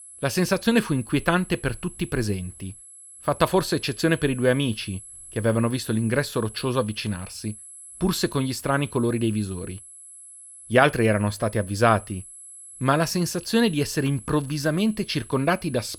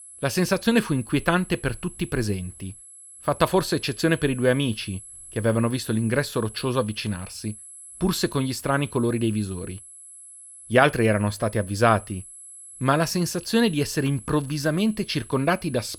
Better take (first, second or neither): neither